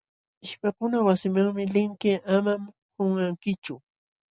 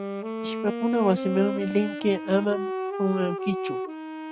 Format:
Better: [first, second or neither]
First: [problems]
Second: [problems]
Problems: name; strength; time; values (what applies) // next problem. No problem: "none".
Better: first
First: none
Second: background sound (Wind instrument, woodwind instrument); 5 dB below the speech